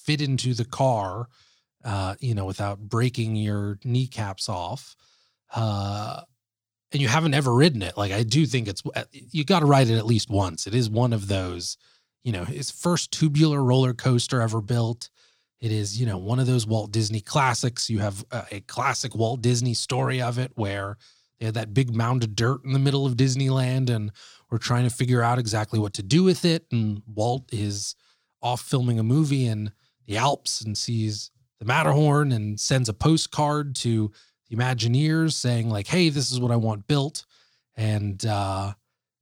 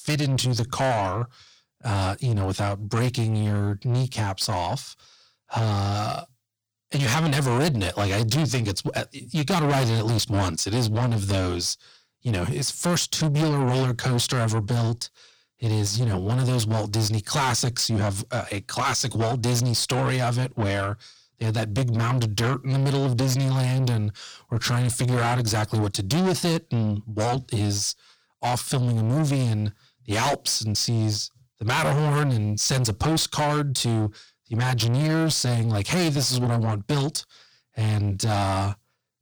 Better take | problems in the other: first | distortion; heavy; 6 dB below the speech

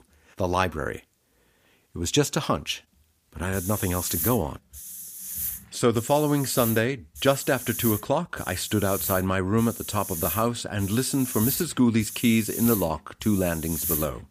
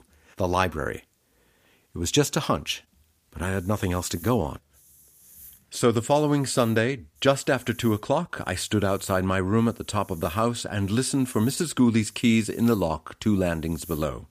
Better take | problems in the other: second | hiss; loud; from 3.5 s on; 6 dB below the speech; faint in the second

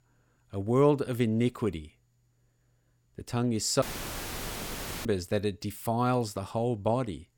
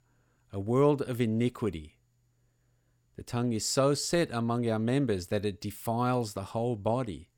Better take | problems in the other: second | audio cutting out; filled with static; at 4 s for 1 s

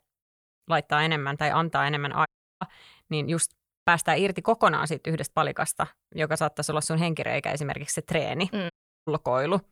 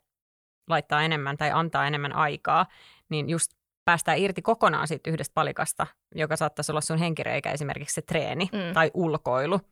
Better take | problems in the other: second | audio cutting out; at 2.5 s and at 8.5 s

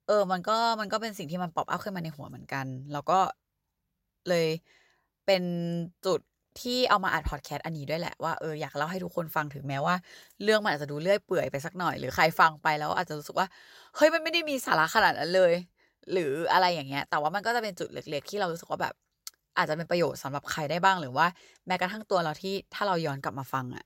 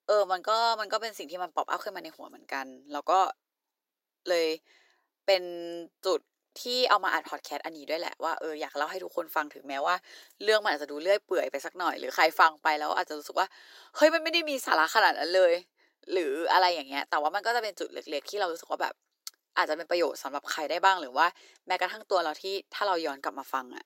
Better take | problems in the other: first | thin; somewhat; fading below 300 Hz

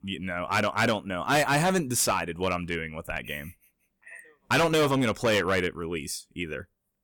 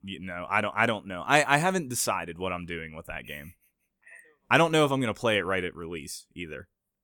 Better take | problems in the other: second | distortion; heavy; 7% of the sound clipped

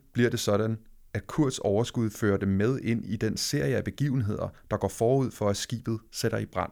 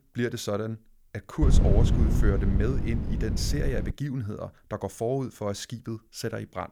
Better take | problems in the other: first | wind noise on the microphone; heavy; from 1.5 to 4 s; 5 dB below the speech

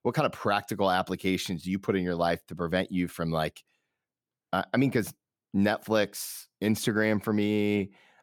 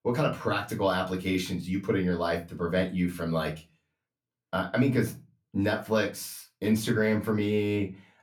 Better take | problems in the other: first | off-mic speech; far // room echo; very slight; dies away in 0.2 s

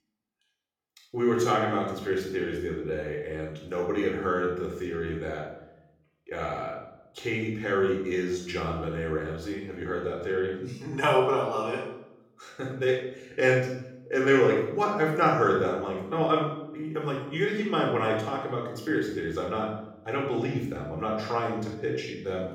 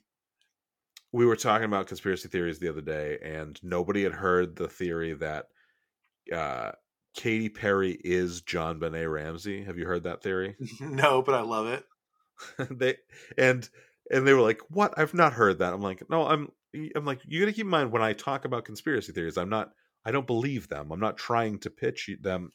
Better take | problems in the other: second | room echo; noticeable; dies away in 0.7 s // off-mic speech; somewhat distant

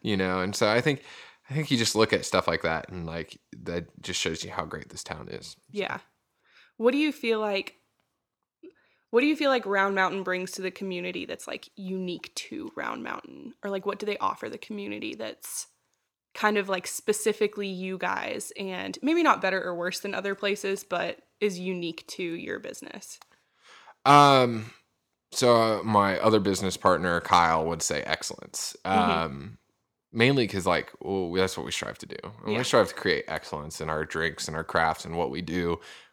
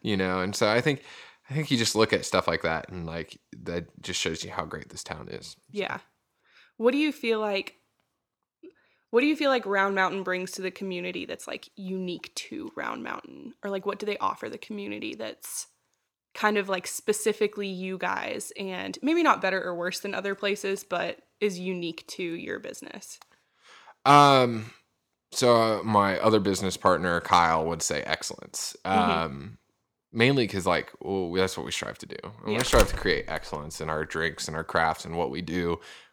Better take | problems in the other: first | door banging; noticeable; at 33 s; peak 1 dB below the speech

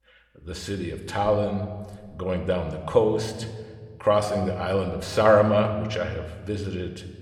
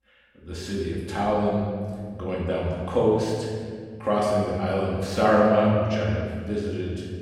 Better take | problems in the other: first | room echo; strong; dies away in 1.8 s; slight in the first // off-mic speech; far

